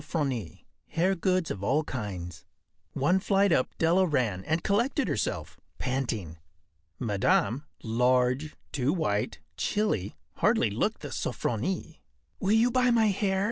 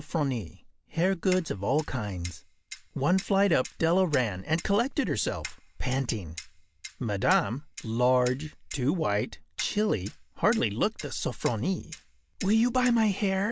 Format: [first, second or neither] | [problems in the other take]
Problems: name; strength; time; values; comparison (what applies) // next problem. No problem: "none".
first | background sound (Clock); 18 dB below the speech